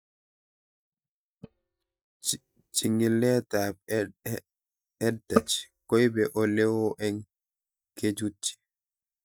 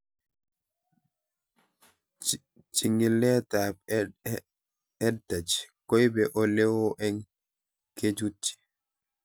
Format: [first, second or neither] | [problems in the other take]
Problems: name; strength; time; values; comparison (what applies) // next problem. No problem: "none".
second | noise reduction (neural mask model DeepFilterNet 3)